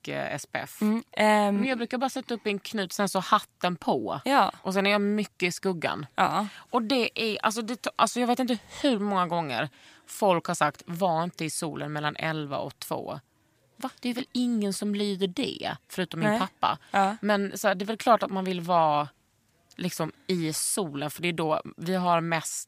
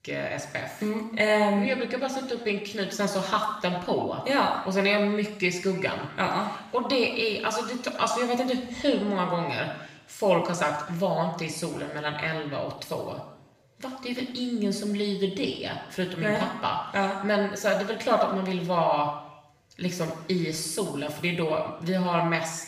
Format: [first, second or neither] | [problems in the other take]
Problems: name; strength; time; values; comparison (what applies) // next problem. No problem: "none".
first | room echo; noticeable; dies away in 0.9 s // off-mic speech; somewhat distant